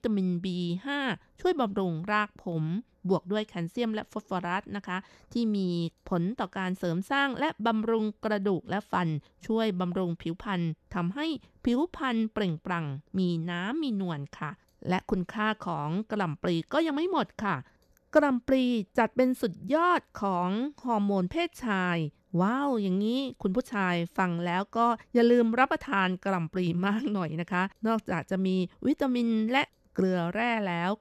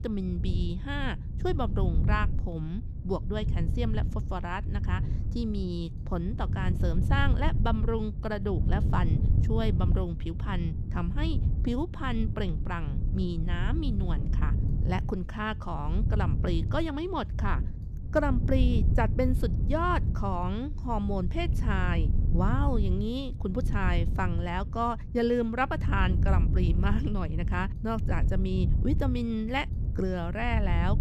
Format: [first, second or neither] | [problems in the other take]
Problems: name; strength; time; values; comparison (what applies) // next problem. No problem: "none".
first | wind noise on the microphone; occasional gusts; 10 dB below the speech